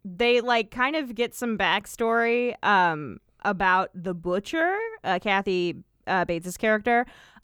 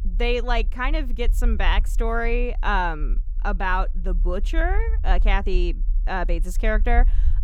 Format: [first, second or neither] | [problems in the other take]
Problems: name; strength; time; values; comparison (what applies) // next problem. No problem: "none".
first | low rumble; faint; throughout; 25 dB below the speech